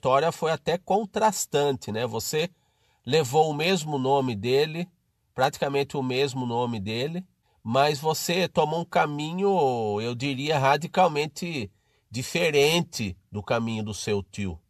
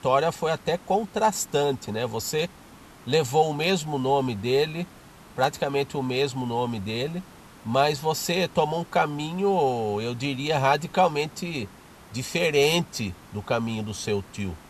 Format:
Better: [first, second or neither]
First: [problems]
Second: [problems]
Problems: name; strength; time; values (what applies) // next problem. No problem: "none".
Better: first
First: none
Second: hiss; faint; throughout; 25 dB below the speech